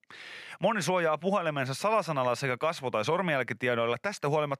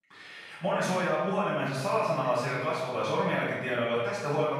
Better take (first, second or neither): first